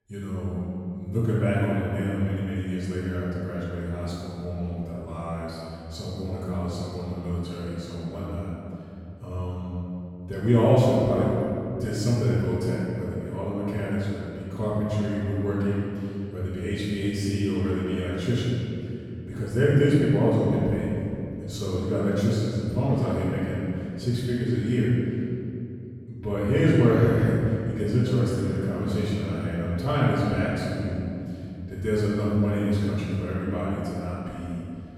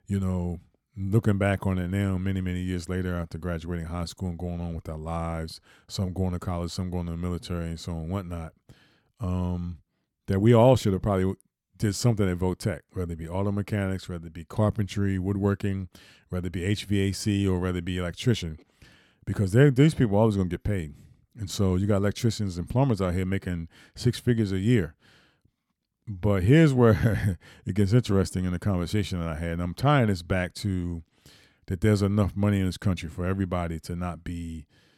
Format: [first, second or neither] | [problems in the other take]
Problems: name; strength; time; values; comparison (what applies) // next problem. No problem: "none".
second | room echo; strong; dies away in 2.6 s // off-mic speech; far